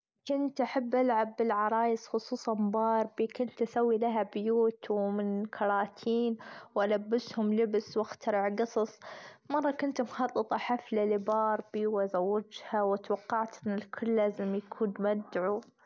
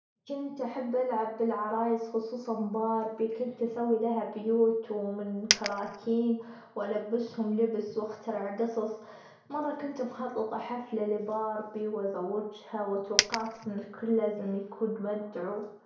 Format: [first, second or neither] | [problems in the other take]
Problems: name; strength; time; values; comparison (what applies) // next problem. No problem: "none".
first | background sound (Coin (dropping)); 1 dB above the speech // room echo; dies away in 0.6 s